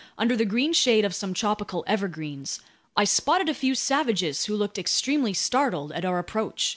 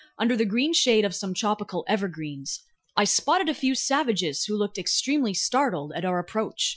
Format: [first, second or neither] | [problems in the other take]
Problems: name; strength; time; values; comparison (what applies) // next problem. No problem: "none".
first | noise reduction (classical method Wiener filter)